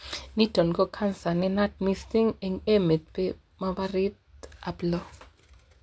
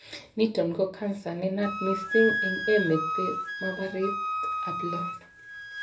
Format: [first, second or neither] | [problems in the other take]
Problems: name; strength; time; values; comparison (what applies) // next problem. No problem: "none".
first | background sound (Wind instrument, woodwind instrument); 3 dB below the speech // room echo; dies away in 0.3 s